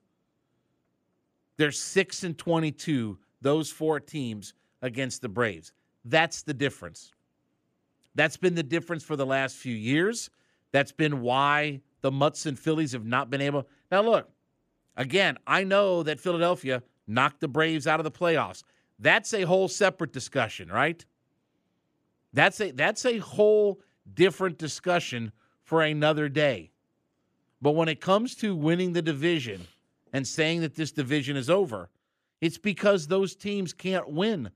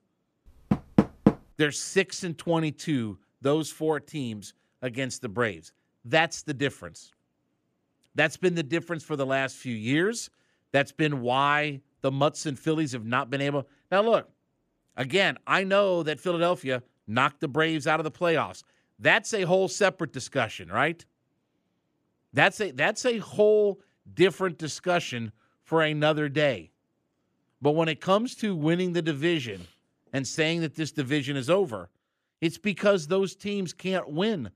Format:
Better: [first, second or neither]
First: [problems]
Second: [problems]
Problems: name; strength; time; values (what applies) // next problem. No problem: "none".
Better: first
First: none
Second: door banging; loud; at 0.5 s; peak 4 dB above the speech